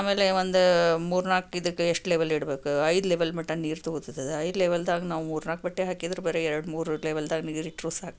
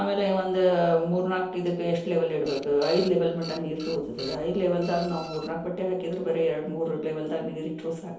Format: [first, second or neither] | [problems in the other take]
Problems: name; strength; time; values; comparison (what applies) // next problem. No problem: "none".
first | background sound (Printer); 16 dB below the speech // room echo; dies away in 2.2 s